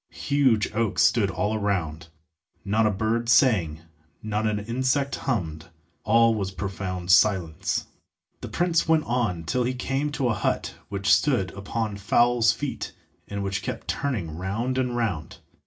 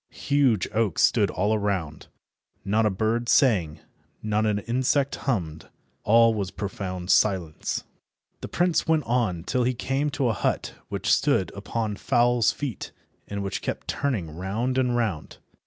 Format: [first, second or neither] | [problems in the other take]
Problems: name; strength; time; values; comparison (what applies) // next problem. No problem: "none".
second | room echo; dies away in 0.2 s